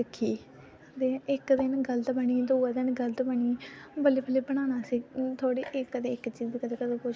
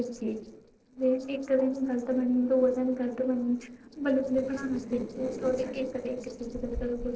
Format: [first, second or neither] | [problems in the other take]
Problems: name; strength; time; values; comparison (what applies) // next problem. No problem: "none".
first | noise reduction (neural separator model SepFormer DNS4)